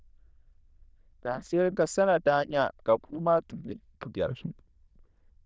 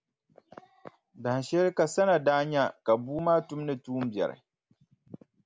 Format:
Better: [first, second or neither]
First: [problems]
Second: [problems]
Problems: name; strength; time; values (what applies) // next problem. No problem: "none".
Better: second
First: noise reduction (neural diffusion model UNIVERSE++)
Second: none